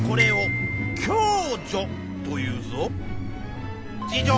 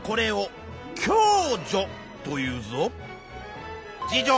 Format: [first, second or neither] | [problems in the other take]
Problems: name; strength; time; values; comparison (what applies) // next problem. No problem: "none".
second | background sound (Glockenspiel + Idling / Accelerating, revving, vroom / Car); 1 dB above the speech